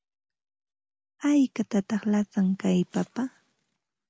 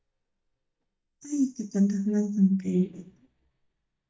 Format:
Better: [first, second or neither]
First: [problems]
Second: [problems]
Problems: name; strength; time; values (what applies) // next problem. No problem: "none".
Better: first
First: none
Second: noise reduction (neural mask model DeepFilterNet 3)